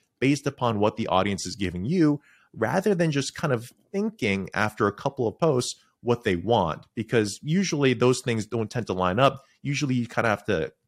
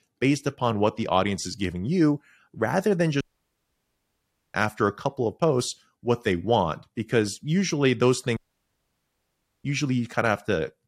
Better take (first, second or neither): first